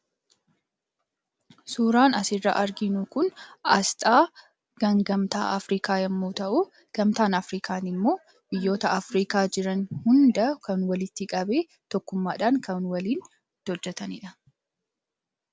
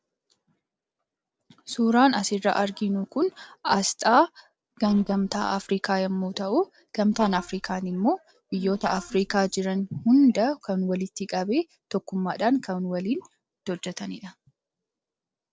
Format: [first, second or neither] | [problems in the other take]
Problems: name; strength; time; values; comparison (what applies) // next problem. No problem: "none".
first | noise reduction (neural separator model SepFormer DNS4)